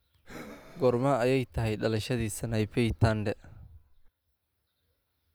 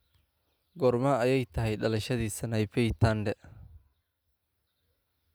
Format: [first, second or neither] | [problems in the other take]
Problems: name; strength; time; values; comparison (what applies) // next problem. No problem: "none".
second | background sound (Breathing); 20 dB below the speech